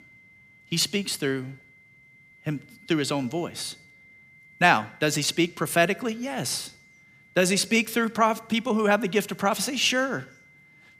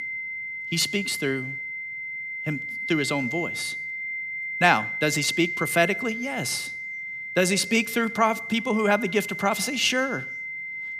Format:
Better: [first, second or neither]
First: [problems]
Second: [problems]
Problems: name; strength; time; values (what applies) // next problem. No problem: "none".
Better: first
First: high-pitched whine; faint; throughout; 2 kHz, 30 dB below the speech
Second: high-pitched whine; loud; throughout; 2 kHz, 6 dB below the speech